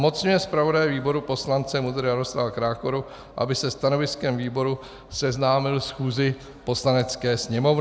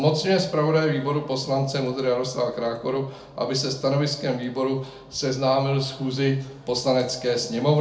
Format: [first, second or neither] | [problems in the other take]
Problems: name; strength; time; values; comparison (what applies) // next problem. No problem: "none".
first | room echo; dies away in 0.4 s